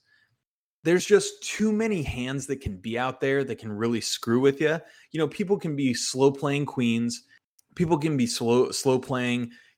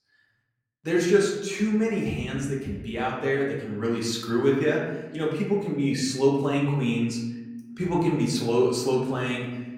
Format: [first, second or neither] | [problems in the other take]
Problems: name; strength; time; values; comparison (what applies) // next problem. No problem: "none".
first | room echo; noticeable; dies away in 1 s // off-mic speech; far